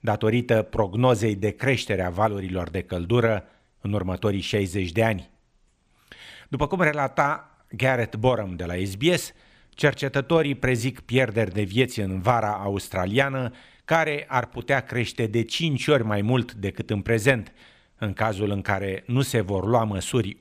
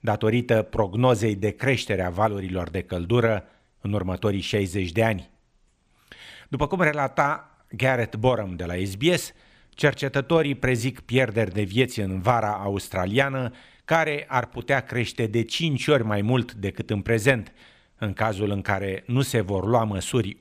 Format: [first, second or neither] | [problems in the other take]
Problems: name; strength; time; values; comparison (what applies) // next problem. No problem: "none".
neither | none